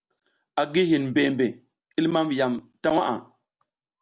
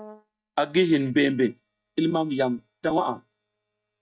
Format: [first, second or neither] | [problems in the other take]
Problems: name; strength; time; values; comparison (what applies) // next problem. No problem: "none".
first | noise reduction (neural mask model DeepFilterNet 3)